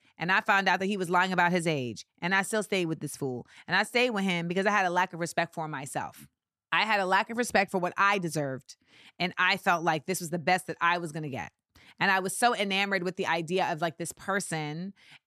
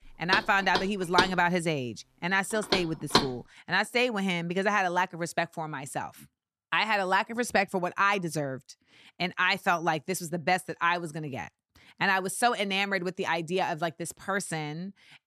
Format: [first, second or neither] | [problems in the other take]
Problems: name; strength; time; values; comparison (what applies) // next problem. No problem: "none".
first | door banging; loud; until 3 s; peak 2 dB above the speech